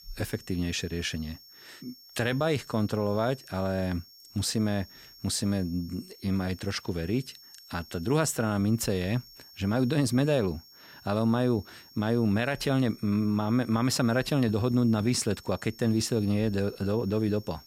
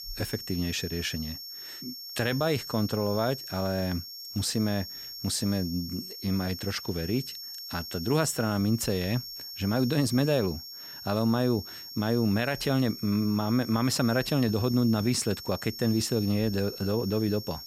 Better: first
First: high-pitched whine; faint; throughout; 5.5 kHz, 20 dB below the speech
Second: high-pitched whine; loud; throughout; 5.5 kHz, 10 dB below the speech

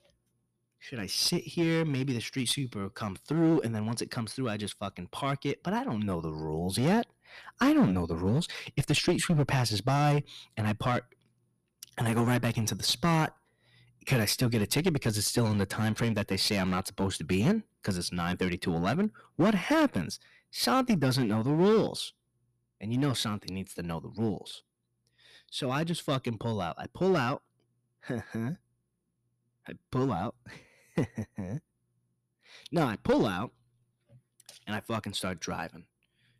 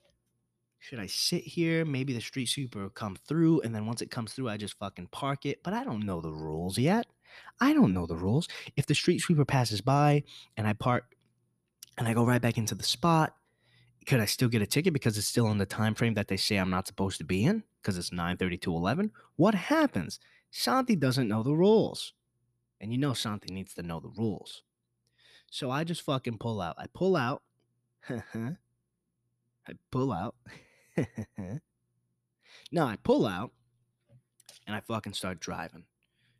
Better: second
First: distortion; slight; 4% of the sound clipped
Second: none

